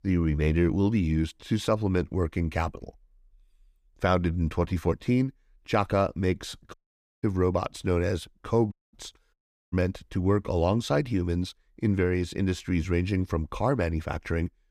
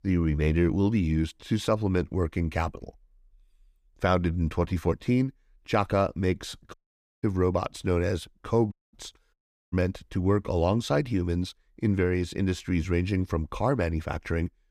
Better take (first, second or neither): neither